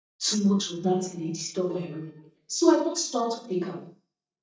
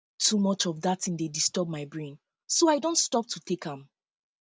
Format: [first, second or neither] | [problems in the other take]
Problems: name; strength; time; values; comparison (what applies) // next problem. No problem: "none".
second | noise reduction (neural mask model DeepFilterNet 3)